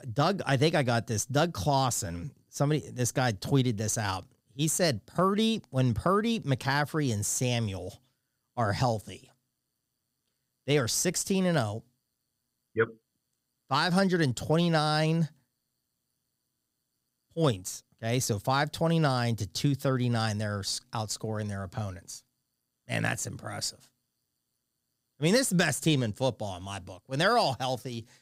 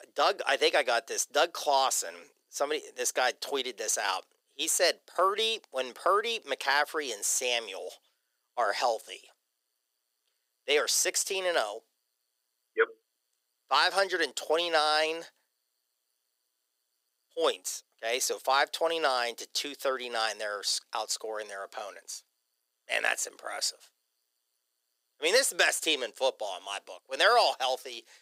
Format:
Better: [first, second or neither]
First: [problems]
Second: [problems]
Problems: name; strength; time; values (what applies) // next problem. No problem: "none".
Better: first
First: none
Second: thin; very; fading below 400 Hz